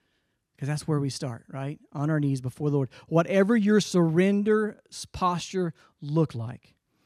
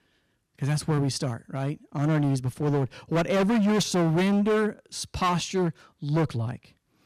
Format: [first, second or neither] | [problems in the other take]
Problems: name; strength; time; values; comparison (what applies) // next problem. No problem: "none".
first | distortion; heavy; 15% of the sound clipped